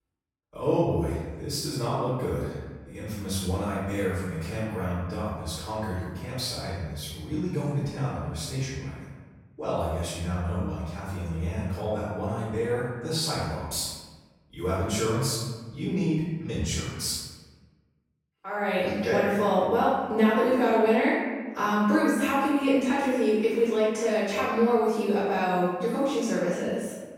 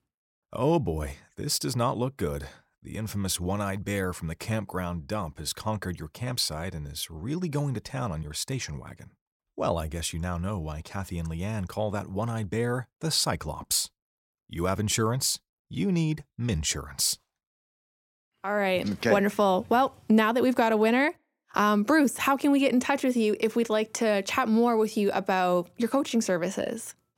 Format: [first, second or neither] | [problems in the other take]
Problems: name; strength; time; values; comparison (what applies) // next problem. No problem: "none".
second | room echo; strong; dies away in 1.3 s // off-mic speech; far